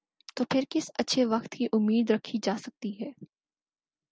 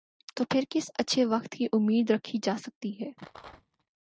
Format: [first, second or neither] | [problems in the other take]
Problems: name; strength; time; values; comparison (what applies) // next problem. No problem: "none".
first | noise reduction (neural mask model RNNoise)